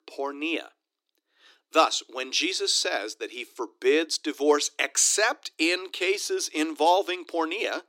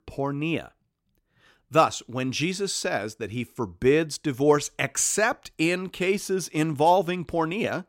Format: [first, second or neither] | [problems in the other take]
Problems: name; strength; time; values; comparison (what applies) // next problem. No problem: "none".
second | thin; somewhat; fading below 300 Hz